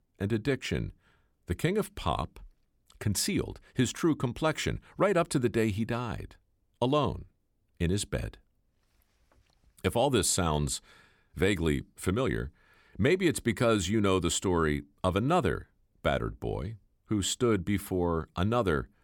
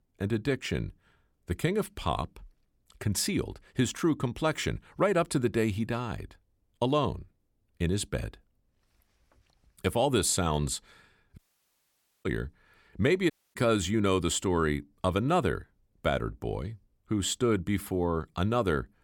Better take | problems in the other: first | audio cutting out; at 11 s for 1 s and at 13 s

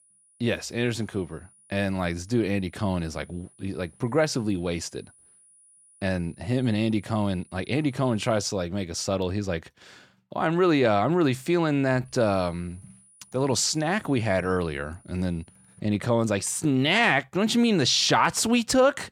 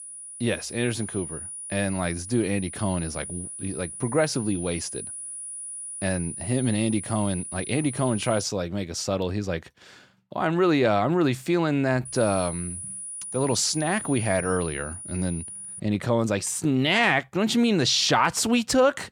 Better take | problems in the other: first | high-pitched whine; loud; until 8.5 s and from 12 to 16 s; 9.5 kHz, 9 dB below the speech; faint in the first

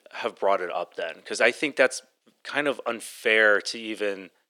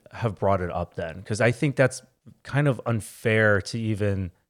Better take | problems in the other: second | thin; very; fading below 300 Hz

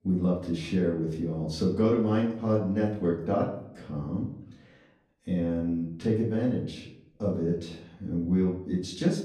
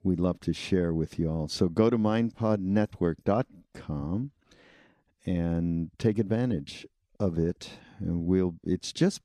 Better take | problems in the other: second | off-mic speech; far // room echo; slight; dies away in 0.5 s

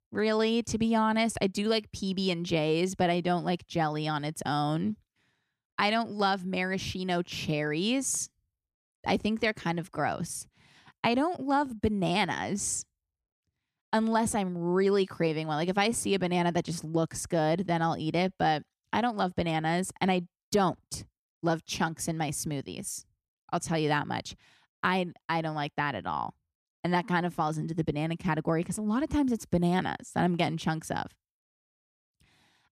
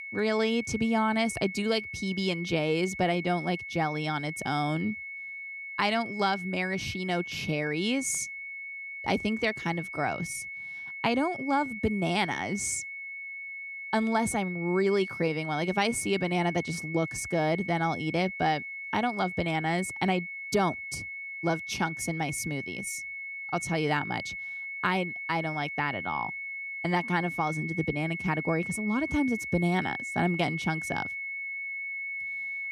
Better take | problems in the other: first | high-pitched whine; loud; throughout; 2 kHz, 6 dB below the speech

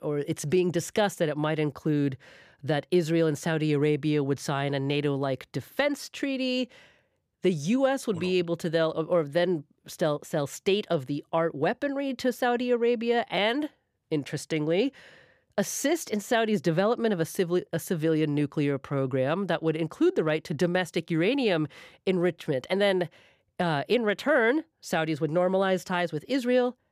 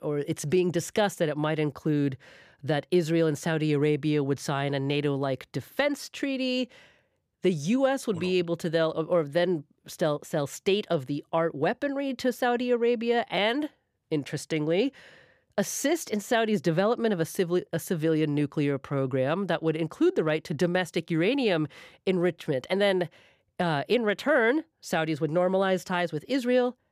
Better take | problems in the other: neither | none

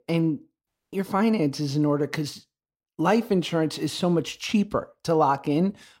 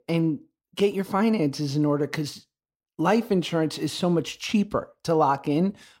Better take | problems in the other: second | audio cutting out; at 0.5 s

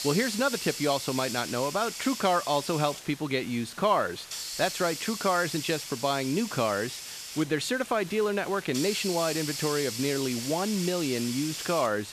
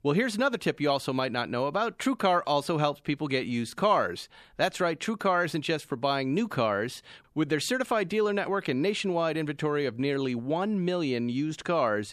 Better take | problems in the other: second | hiss; loud; throughout; 7 dB below the speech

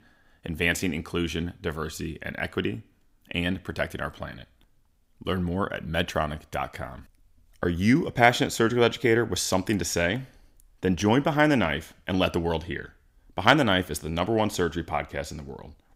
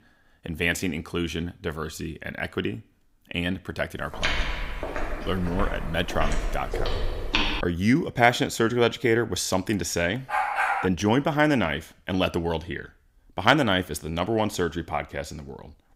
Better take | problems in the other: first | footsteps; loud; from 4 to 7.5 s; peak 1 dB above the speech // dog barking; loud; at 10 s; peak 2 dB above the speech

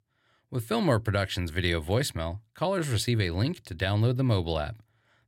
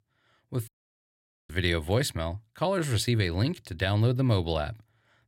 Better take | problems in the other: first | audio cutting out; at 0.5 s for 1 s

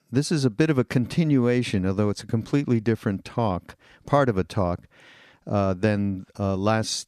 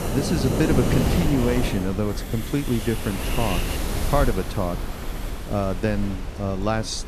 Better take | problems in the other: first | wind noise on the microphone; heavy; 3 dB below the speech

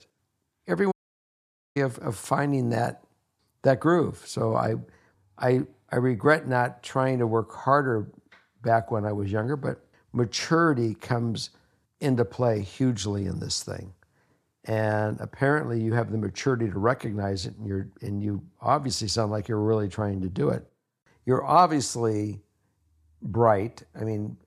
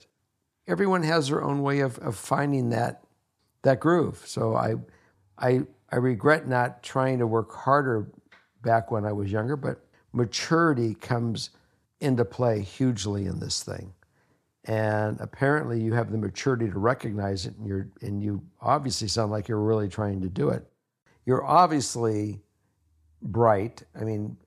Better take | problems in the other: second | audio cutting out; at 1 s for 1 s

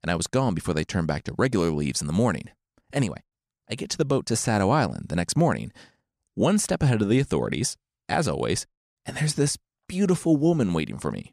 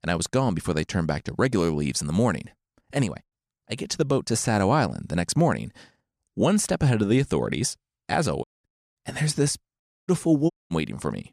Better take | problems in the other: first | audio cutting out; at 8.5 s, at 10 s and at 11 s

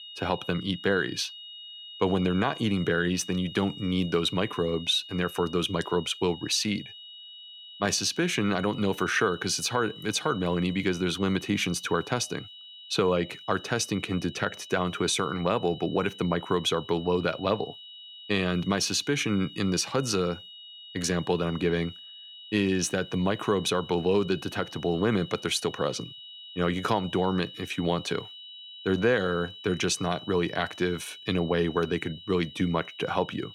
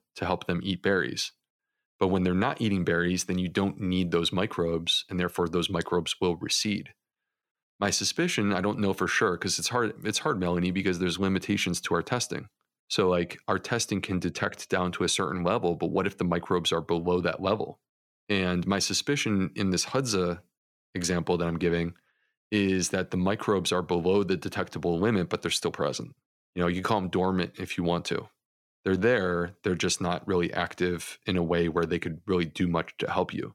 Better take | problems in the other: second | high-pitched whine; noticeable; throughout; 3 kHz, 15 dB below the speech

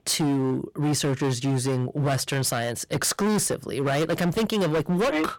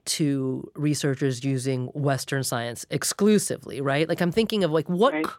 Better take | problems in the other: second | distortion; heavy; 23% of the sound clipped

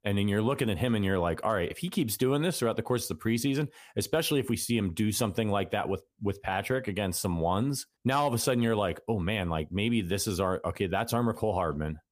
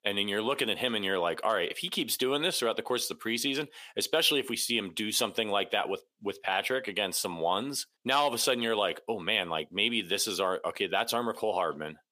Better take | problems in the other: first | thin; somewhat; fading below 350 Hz

